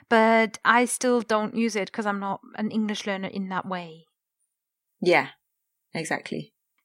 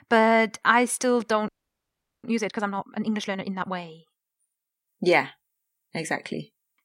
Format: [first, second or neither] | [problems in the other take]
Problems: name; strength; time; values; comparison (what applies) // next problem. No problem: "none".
first | audio freezing; at 1.5 s for 1 s